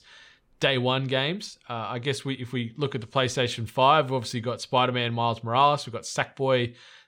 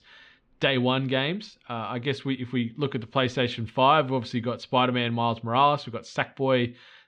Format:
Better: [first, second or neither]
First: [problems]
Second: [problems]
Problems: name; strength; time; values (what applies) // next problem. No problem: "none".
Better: first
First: none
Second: muffled; very slightly; fading above 3 kHz